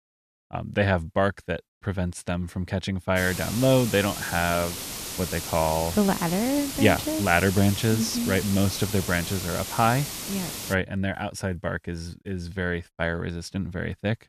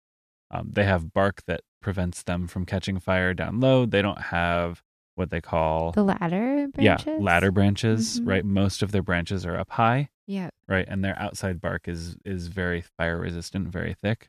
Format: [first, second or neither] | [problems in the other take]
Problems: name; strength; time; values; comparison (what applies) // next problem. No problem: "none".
second | hiss; loud; from 3 to 11 s; 6 dB below the speech